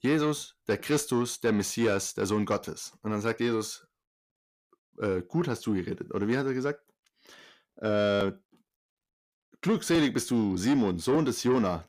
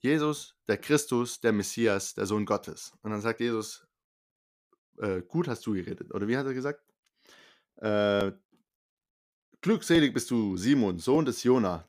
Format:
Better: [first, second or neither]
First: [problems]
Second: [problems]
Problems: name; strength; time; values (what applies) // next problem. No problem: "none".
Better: second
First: distortion; slight; 10 dB below the speech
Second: none